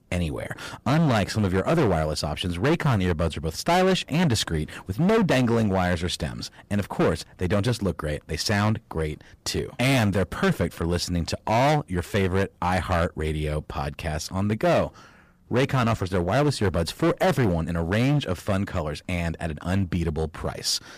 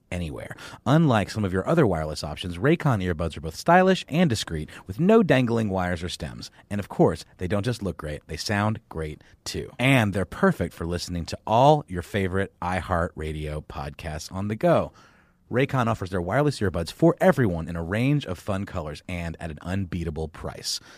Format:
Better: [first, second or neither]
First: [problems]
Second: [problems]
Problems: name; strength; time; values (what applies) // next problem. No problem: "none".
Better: second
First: distortion; heavy; 11% of the sound clipped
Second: none